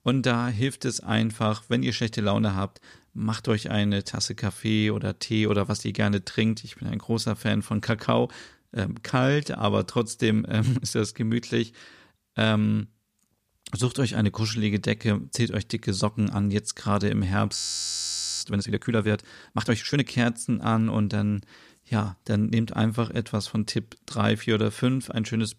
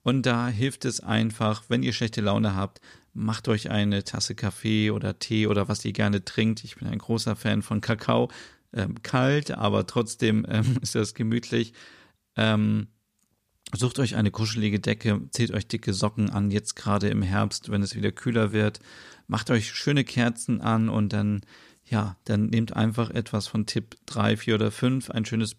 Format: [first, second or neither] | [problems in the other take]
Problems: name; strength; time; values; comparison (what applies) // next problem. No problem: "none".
second | audio freezing; at 18 s for 1 s